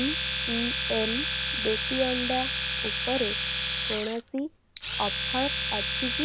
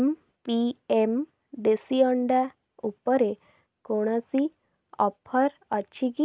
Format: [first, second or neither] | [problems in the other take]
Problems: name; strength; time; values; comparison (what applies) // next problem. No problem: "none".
second | background sound (Domestic sounds, home sounds); 2 dB above the speech